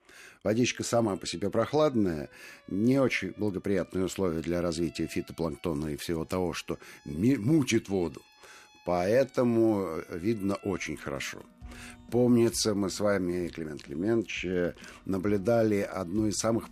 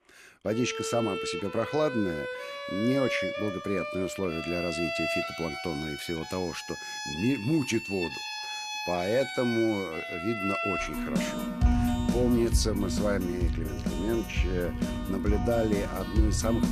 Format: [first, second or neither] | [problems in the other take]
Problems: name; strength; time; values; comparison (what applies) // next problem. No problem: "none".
first | background music; loud; throughout; 2 dB below the speech; faint in the first